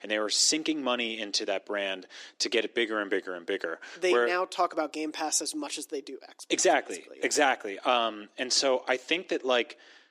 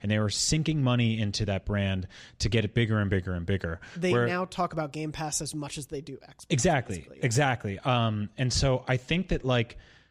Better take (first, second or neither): second